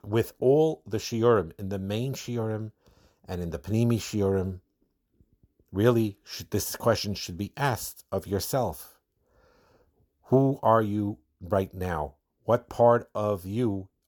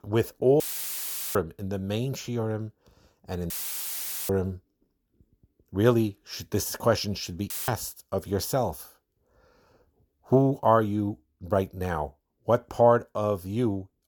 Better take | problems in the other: first | audio cutting out; filled with static; at 0.5 s for 1 s, at 3.5 s for 1 s and at 7.5 s

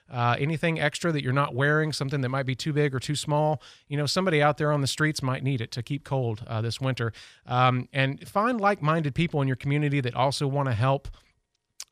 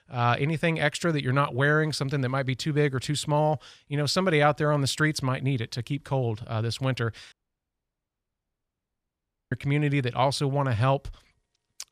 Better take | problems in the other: first | audio cutting out; at 7.5 s for 2 s

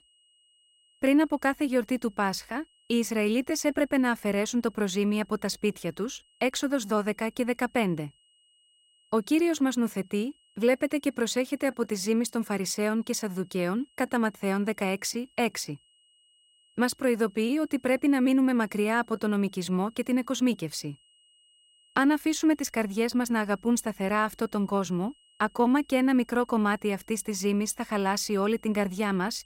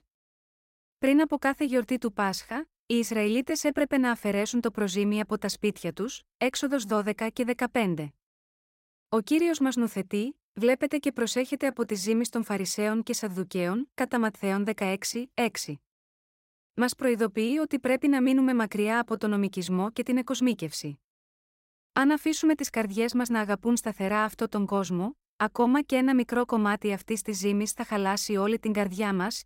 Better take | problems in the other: second | high-pitched whine; faint; throughout; 3 kHz, 35 dB below the speech

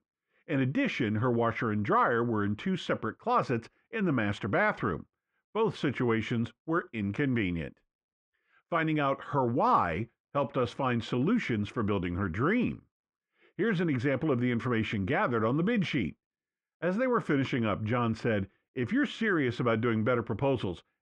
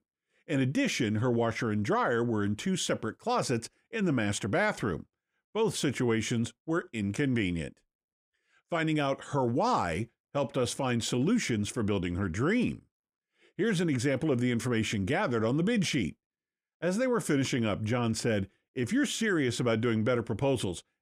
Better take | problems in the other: second | muffled; very; fading above 2.5 kHz

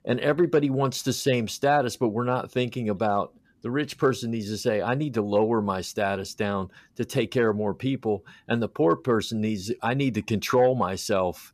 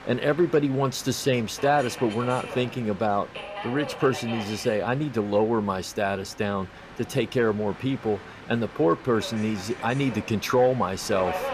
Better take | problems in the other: first | train or aircraft noise; noticeable; throughout; 15 dB below the speech

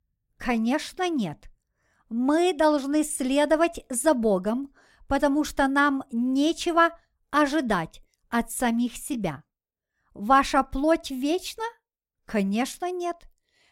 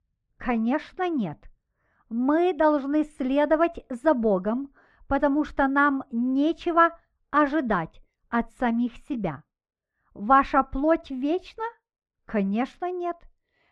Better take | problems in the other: first | muffled; very; fading above 2 kHz

